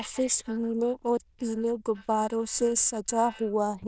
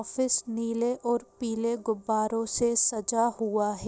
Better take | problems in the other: second | noise reduction (neural diffusion model UNIVERSE++)

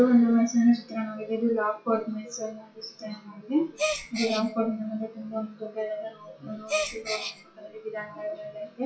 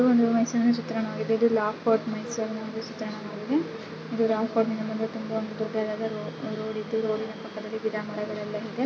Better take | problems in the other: second | noise reduction (classical method WPE with log-MMSE)

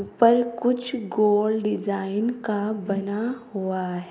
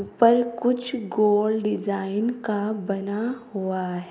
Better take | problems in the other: second | background sound (Whoosh, swoosh, swish); 18 dB below the speech

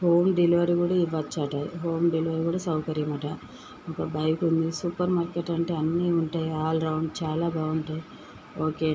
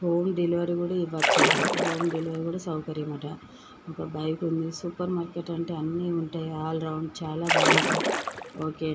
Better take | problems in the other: first | background sound (Splash, splatter); 5 dB above the speech

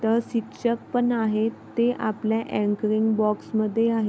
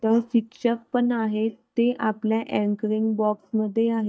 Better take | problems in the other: first | noise reduction (neural mask model DeepFilterNet 3)

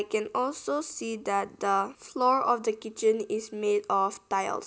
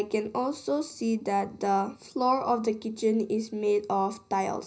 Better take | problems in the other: first | room echo; dies away in 0.5 s

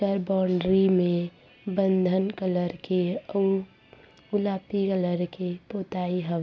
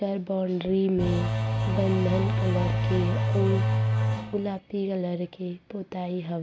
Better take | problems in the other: first | background sound (Engine / Domestic sounds, home sounds); 4 dB above the speech

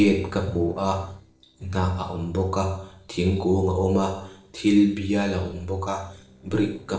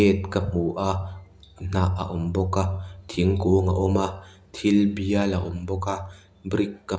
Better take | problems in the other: second | noise reduction (neural separator model SepFormer DNS4)

